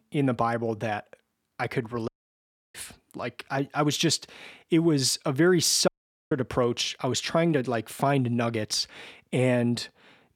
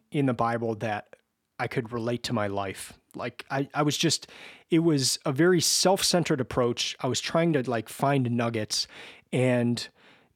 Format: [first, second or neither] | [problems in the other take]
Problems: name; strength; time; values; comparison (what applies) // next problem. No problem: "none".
second | audio cutting out; at 2 s for 0.5 s and at 6 s